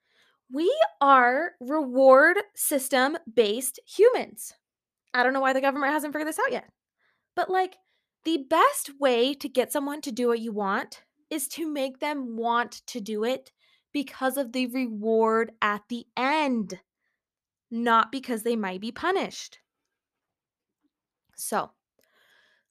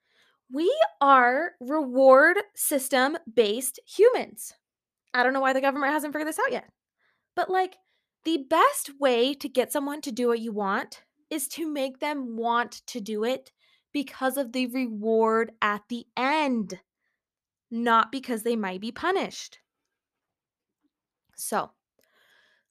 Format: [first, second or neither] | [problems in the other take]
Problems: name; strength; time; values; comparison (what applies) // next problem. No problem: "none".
neither | none